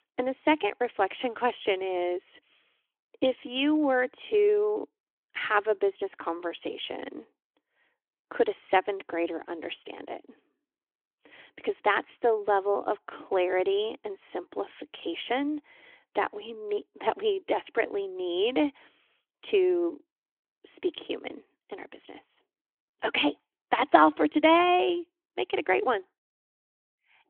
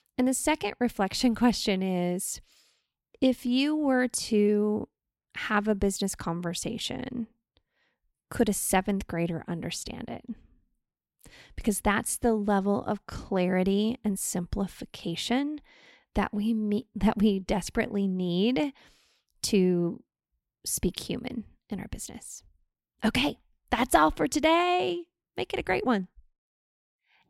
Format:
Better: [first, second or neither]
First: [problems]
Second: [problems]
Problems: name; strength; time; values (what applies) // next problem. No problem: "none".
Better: second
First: phone-call audio; nothing above 3.5 kHz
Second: none